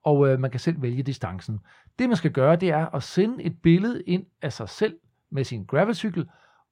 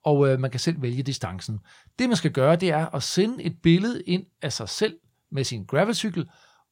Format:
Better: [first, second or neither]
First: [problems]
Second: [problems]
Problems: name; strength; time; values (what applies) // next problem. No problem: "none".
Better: second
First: muffled; slightly; fading above 3.5 kHz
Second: none